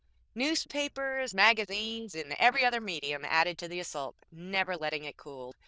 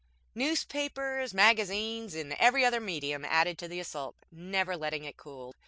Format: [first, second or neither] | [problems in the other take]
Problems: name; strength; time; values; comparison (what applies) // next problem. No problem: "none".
second | noise reduction (neural diffusion model UNIVERSE++)